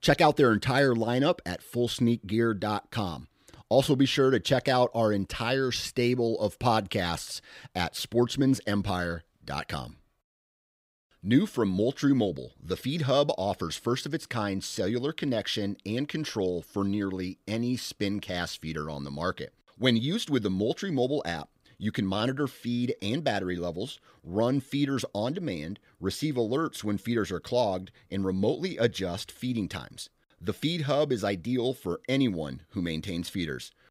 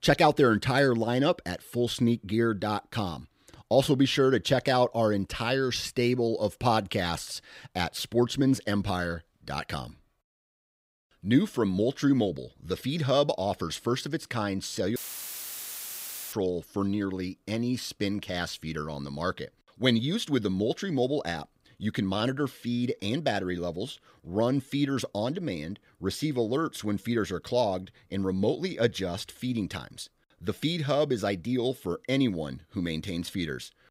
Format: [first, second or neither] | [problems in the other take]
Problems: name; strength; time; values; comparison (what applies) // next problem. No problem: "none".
first | audio cutting out; filled with static; at 15 s for 1.5 s